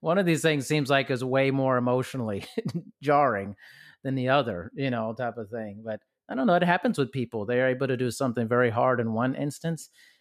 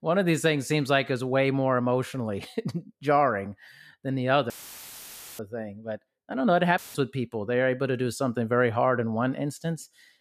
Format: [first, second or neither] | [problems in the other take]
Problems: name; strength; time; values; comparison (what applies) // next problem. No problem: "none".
first | audio cutting out; filled with static; at 4.5 s for 1 s and at 7 s